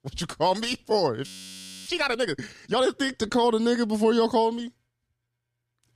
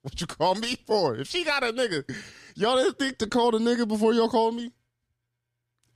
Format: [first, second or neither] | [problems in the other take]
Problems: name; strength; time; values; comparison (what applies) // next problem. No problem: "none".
second | audio freezing; at 1.5 s for 0.5 s